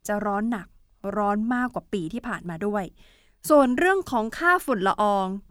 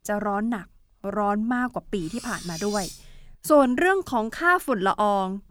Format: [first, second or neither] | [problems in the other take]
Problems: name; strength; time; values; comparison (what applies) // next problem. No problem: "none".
first | clattering dishes; noticeable; from 2 to 3.5 s; peak 9 dB below the speech